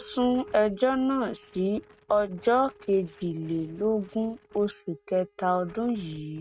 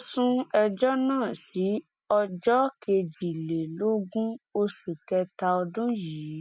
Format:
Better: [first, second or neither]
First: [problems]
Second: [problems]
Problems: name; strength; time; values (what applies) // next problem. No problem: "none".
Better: second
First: noise reduction (neural mask model RNNoise)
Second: none